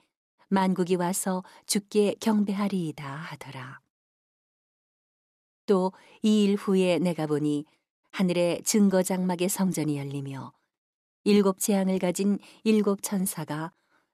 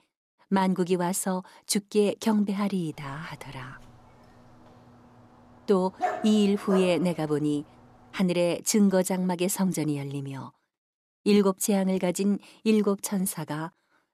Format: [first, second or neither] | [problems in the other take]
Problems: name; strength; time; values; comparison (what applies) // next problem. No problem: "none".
first | dog barking; noticeable; at 6 s; peak 5 dB below the speech